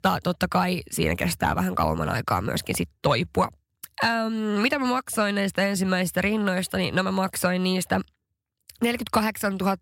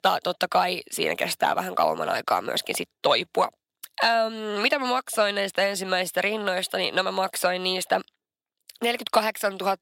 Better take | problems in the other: first | thin; somewhat; fading below 400 Hz

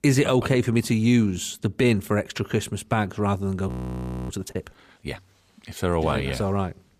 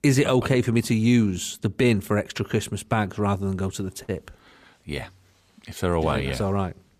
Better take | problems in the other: second | audio freezing; at 3.5 s for 0.5 s

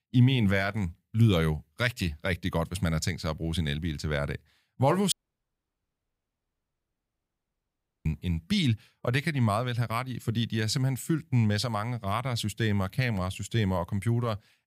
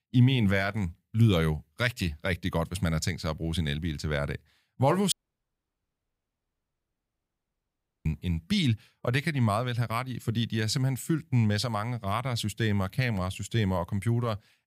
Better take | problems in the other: neither | audio cutting out; at 5 s for 3 s; the same in both

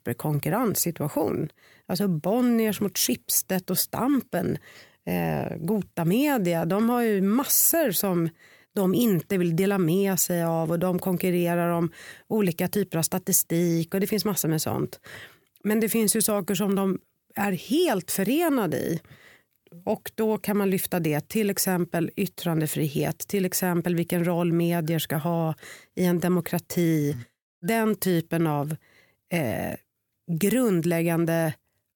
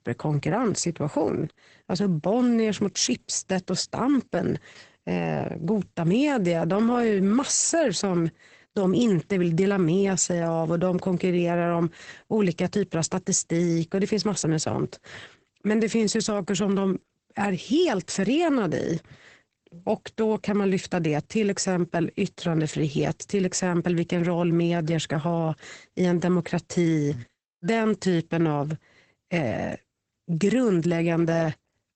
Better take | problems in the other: first | garbled, watery; badly; nothing above 8 kHz

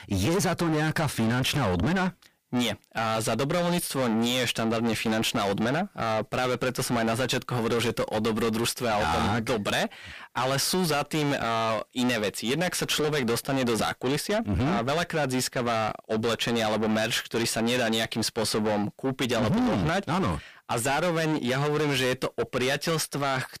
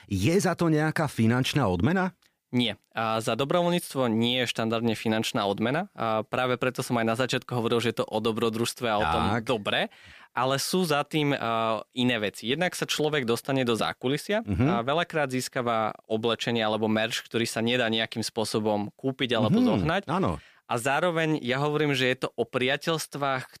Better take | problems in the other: second | distortion; heavy; 6 dB below the speech

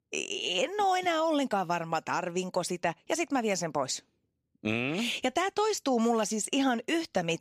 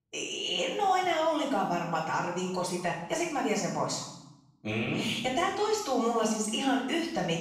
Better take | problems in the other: first | off-mic speech; far // room echo; noticeable; dies away in 0.8 s

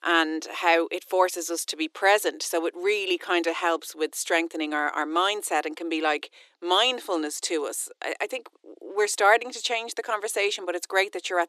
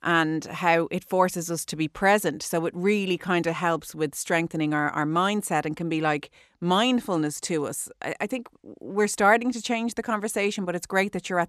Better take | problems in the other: second | thin; very; fading below 300 Hz

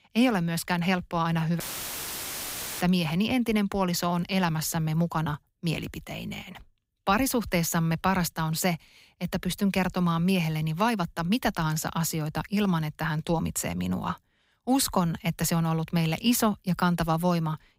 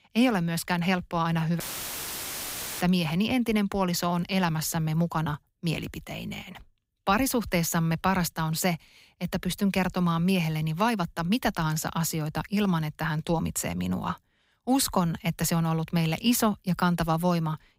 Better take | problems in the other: neither | audio cutting out; filled with static; at 1.5 s for 1 s; the same in both

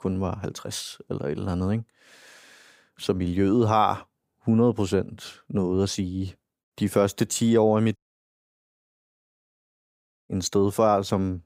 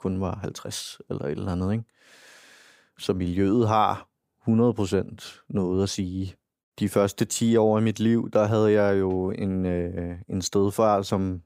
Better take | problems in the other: second | audio cutting out; at 8 s for 2.5 s

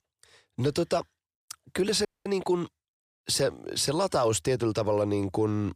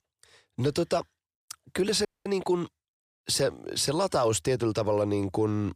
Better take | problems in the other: neither | audio freezing; at 2 s; the same in both

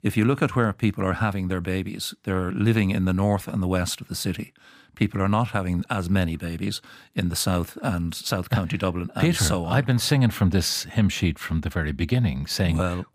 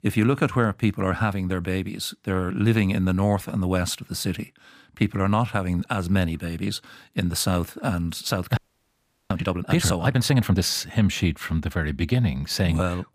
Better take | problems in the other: first | audio freezing; at 8.5 s for 0.5 s

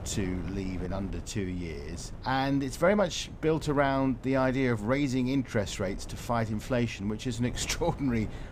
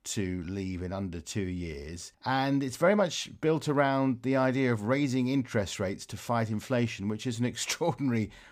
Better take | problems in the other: second | wind noise on the microphone; occasional gusts; 20 dB below the speech

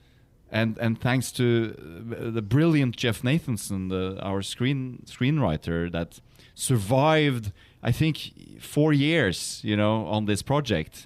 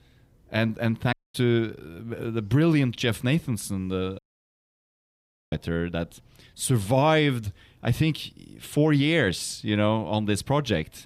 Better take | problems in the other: first | audio cutting out; at 1 s and at 4 s for 1.5 s

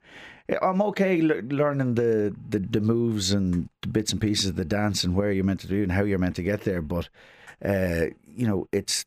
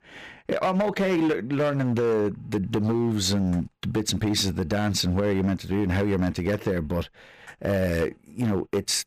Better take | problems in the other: first | distortion; slight; 12% of the sound clipped

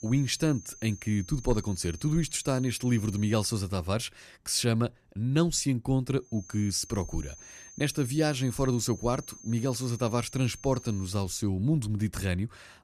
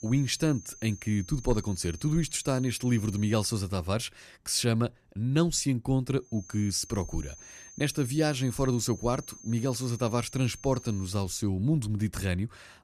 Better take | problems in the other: neither | high-pitched whine; noticeable; until 3.5 s and from 6.5 to 11 s; 6.5 kHz, 20 dB below the speech; the same in both

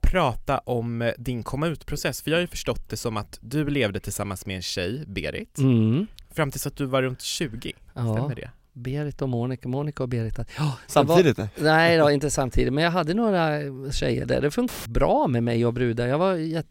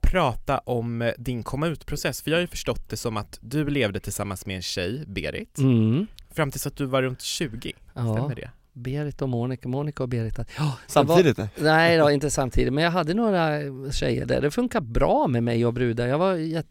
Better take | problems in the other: second | audio cutting out; filled with static; at 15 s

